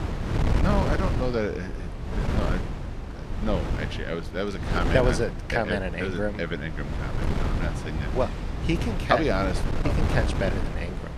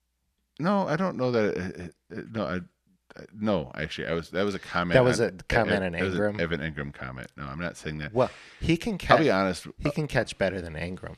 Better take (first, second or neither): second